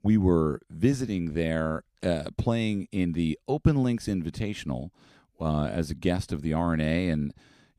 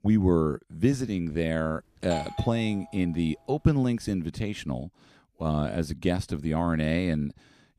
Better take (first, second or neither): first